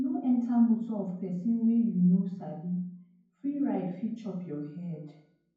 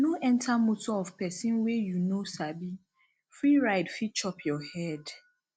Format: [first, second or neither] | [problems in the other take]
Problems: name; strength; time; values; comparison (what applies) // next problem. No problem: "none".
second | room echo; dies away in 0.9 s